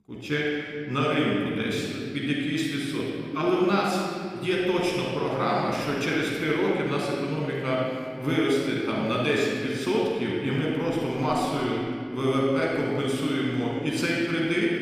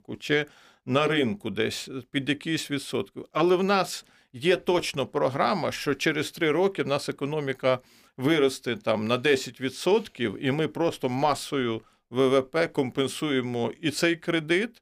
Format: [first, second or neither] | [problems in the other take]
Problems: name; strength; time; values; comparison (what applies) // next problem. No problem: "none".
second | off-mic speech; far // room echo; strong; dies away in 2.4 s